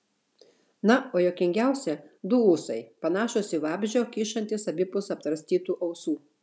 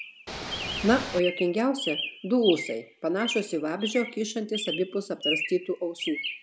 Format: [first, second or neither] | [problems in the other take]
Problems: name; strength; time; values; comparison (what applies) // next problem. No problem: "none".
first | background sound (Ocean / Boat, Water vehicle + Chirp, tweet); 7 dB below the speech